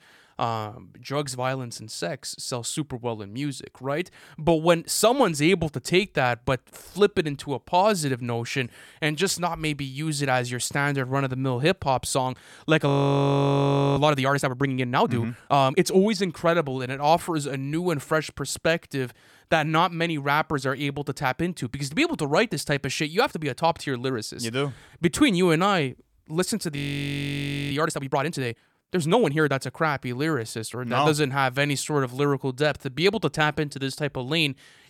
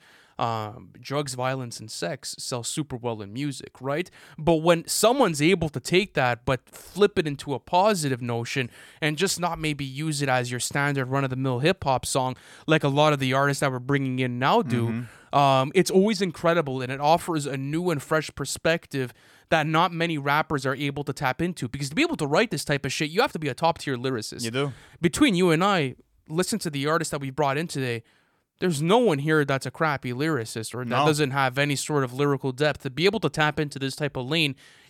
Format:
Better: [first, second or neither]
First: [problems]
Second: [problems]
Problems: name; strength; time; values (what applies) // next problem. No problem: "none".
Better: second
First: audio freezing; at 13 s for 1 s and at 27 s for 1 s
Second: none